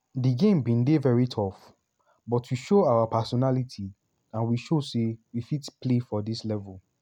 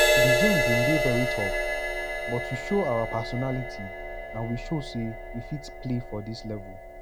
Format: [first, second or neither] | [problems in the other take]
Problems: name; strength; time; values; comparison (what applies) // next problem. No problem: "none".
first | background sound (Crash cymbal); 3 dB above the speech